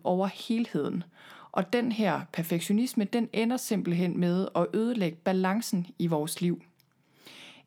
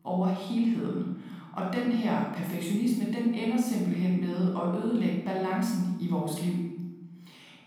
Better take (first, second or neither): first